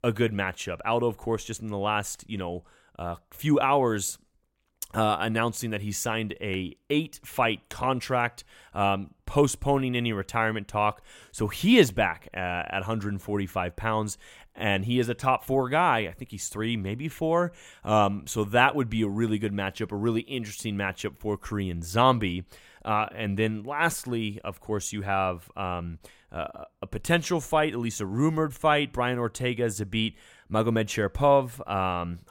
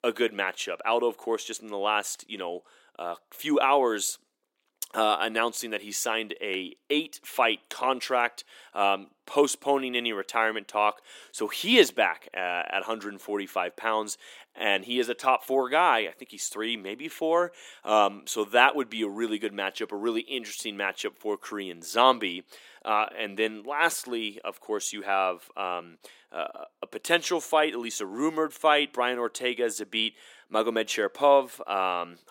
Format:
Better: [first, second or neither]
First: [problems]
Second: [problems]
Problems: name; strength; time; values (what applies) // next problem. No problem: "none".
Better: first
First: none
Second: thin; somewhat; fading below 300 Hz